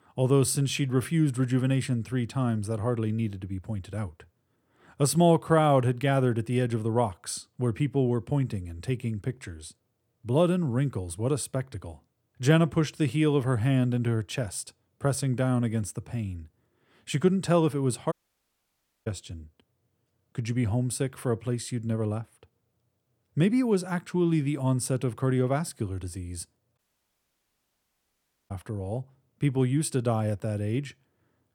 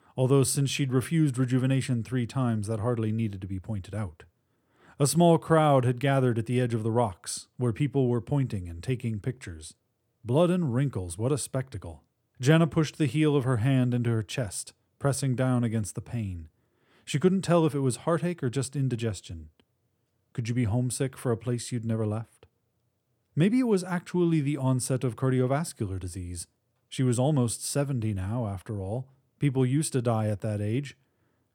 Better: second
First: audio cutting out; at 18 s for 1 s and at 27 s for 1.5 s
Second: none

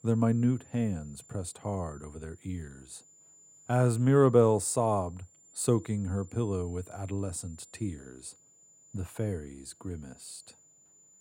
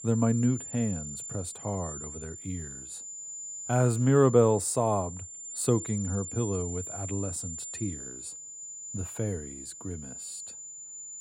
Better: first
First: high-pitched whine; faint; throughout; 7 kHz, 25 dB below the speech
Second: high-pitched whine; loud; throughout; 7 kHz, 9 dB below the speech

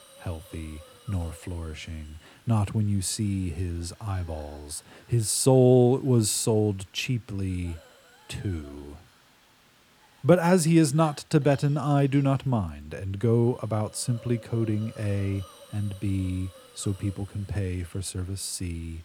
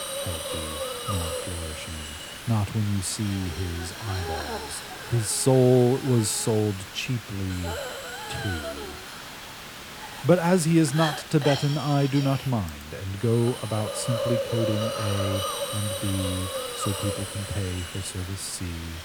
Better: first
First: hiss; faint; throughout; 25 dB below the speech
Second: hiss; loud; throughout; 7 dB below the speech

